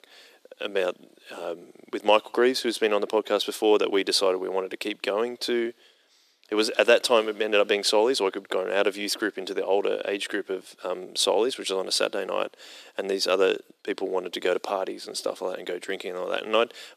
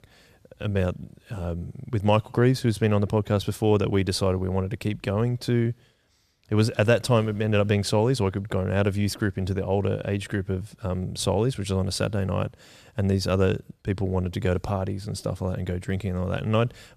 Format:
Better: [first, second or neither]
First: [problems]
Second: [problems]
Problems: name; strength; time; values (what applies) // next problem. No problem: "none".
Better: second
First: thin; very; fading below 300 Hz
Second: none